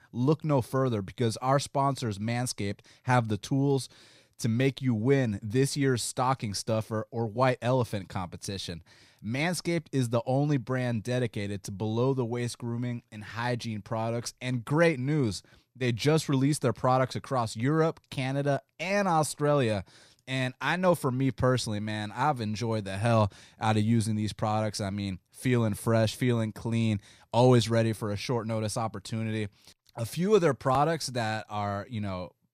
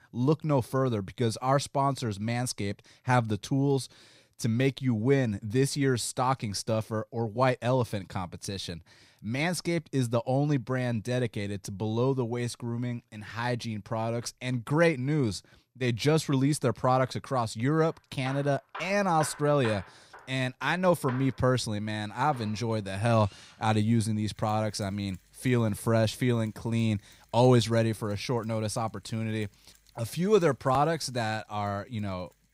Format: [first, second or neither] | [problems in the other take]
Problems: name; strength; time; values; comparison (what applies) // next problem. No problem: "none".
first | machinery noise; faint; from 18 s on; 20 dB below the speech